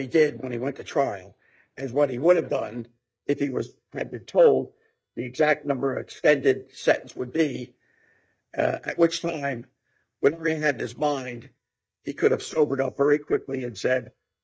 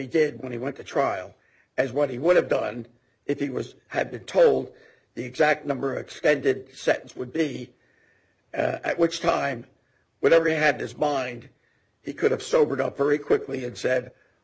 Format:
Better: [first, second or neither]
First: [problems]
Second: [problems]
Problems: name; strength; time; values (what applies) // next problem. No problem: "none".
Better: second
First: noise reduction (neural mask model DeepFilterNet 3)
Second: none